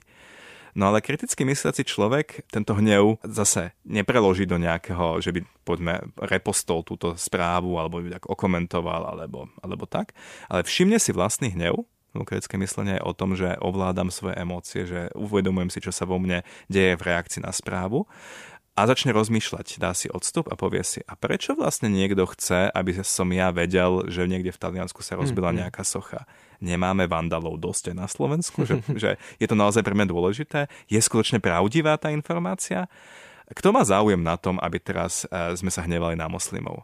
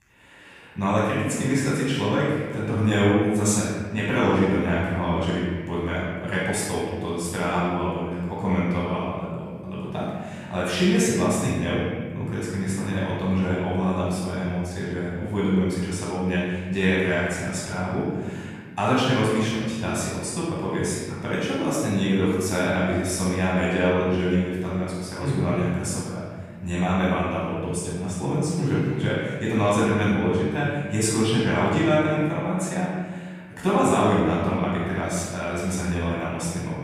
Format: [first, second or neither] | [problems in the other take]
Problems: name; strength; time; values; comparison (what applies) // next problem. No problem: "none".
first | off-mic speech; far // room echo; strong; dies away in 1.8 s